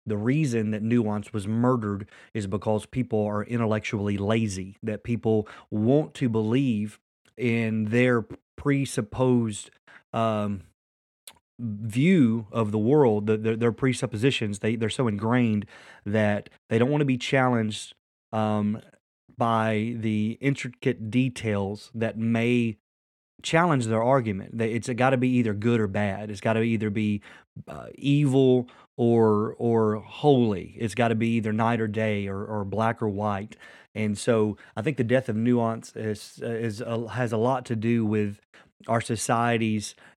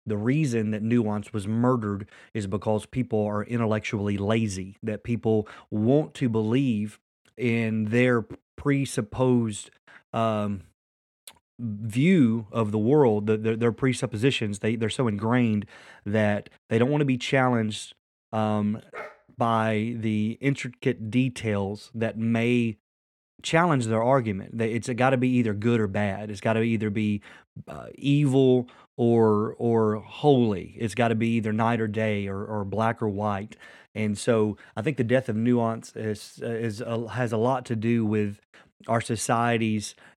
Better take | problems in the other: first | dog barking; faint; at 19 s; peak 15 dB below the speech

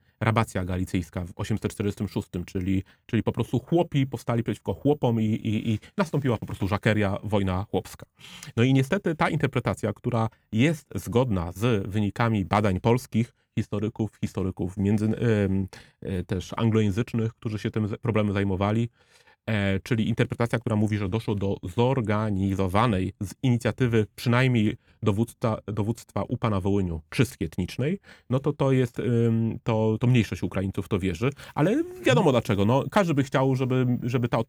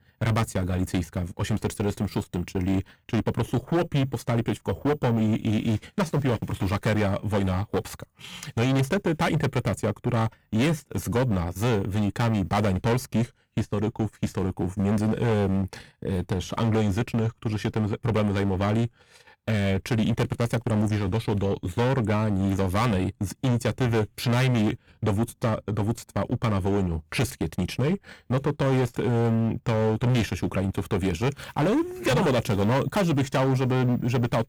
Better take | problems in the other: first | distortion; heavy; 15% of the sound clipped

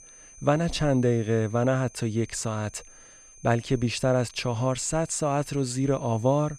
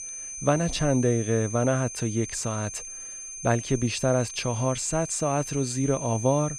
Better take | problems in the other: first | high-pitched whine; loud; throughout; 6.5 kHz, 9 dB below the speech; faint in the first

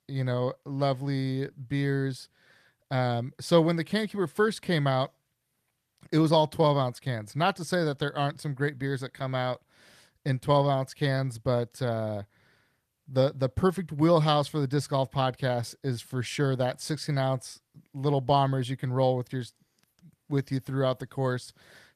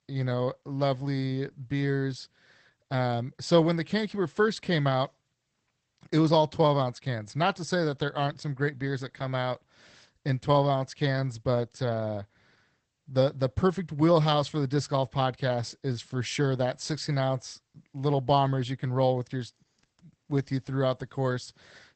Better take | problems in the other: first | garbled, watery; badly; nothing above 8 kHz; slightly in the first

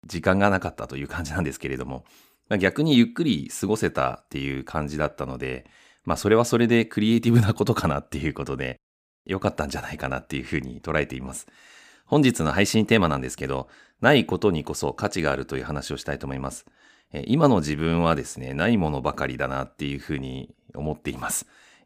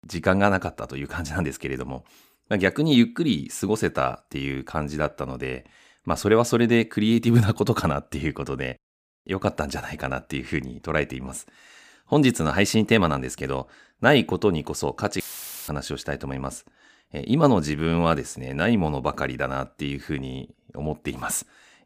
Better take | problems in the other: first | audio cutting out; filled with static; at 15 s

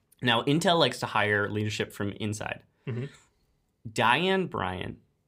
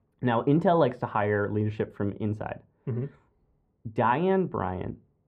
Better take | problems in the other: first | muffled; very; fading above 2.5 kHz

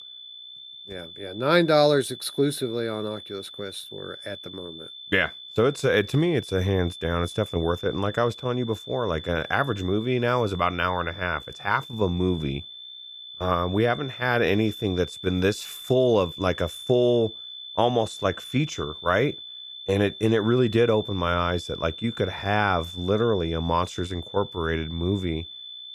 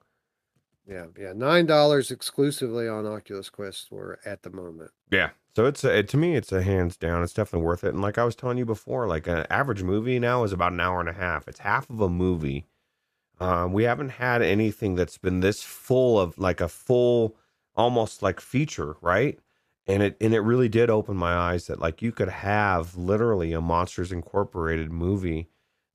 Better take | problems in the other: second | high-pitched whine; noticeable; throughout; 3.5 kHz, 15 dB below the speech

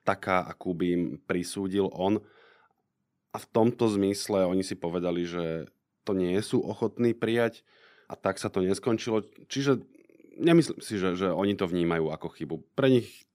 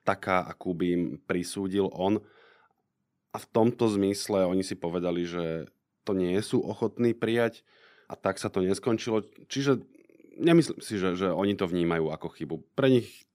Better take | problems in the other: neither | none

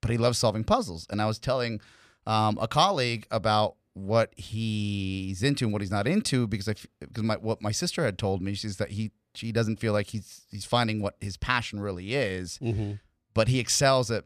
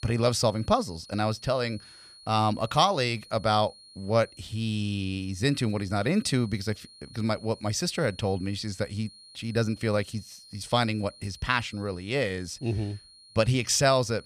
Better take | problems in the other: first | high-pitched whine; faint; throughout; 4 kHz, 20 dB below the speech

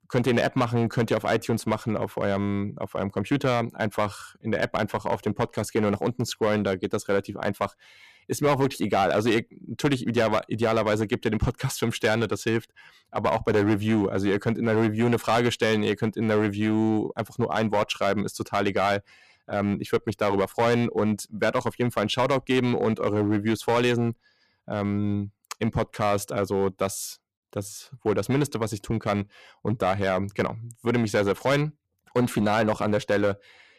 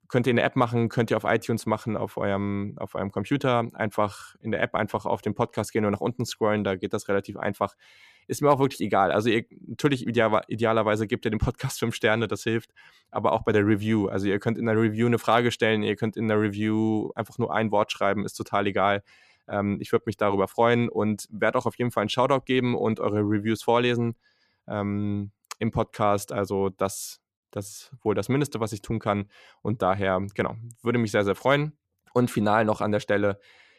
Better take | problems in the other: second | distortion; slight; 5% of the sound clipped

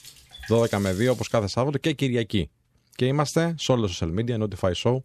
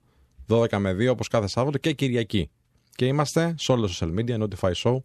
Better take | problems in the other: second | household noises; noticeable; until 1 s; 15 dB below the speech

